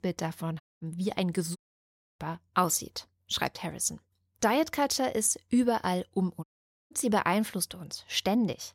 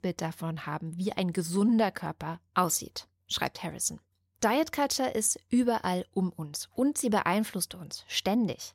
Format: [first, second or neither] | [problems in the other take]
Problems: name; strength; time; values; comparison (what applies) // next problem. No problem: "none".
second | audio cutting out; at 0.5 s, at 1.5 s for 0.5 s and at 6.5 s